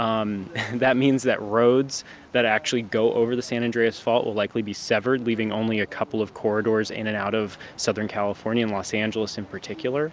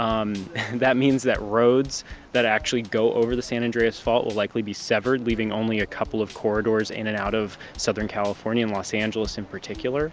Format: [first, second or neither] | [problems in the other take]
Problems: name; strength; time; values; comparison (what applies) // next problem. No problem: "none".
first | background sound (Drum kit); 20 dB below the speech